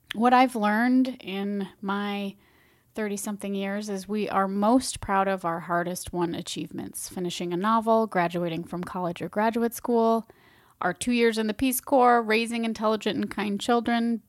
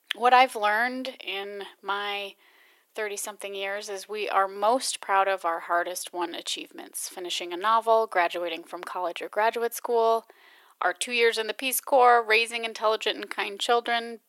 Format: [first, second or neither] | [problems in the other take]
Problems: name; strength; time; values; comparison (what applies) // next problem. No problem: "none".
first | thin; very; fading below 400 Hz